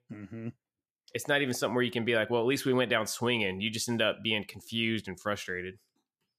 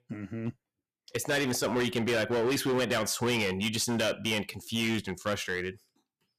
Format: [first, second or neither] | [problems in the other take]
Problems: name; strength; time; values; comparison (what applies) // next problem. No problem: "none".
first | distortion; heavy; 14% of the sound clipped